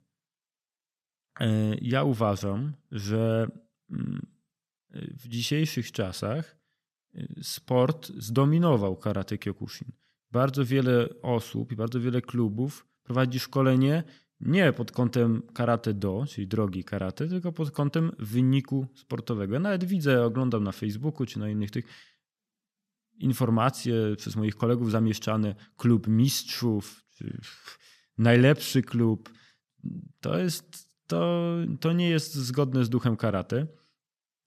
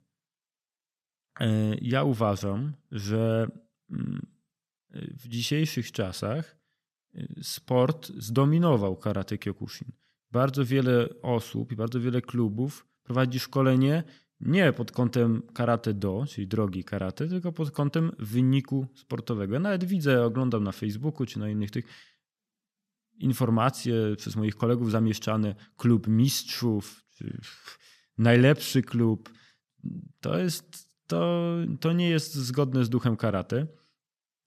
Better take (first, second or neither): neither